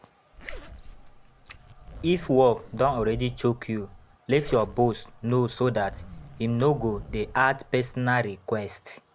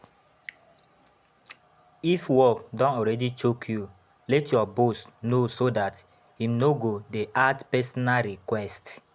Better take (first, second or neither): second